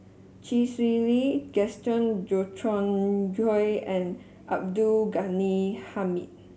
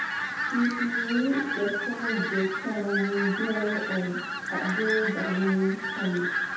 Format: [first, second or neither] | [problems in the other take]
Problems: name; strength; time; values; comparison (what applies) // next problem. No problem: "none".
first | background sound (Fowl); 3 dB below the speech // room echo; dies away in 0.8 s